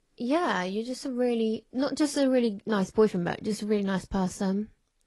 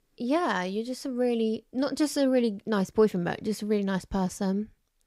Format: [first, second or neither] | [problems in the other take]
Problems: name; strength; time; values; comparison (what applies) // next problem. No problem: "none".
second | garbled, watery; slightly; nothing above 11.5 kHz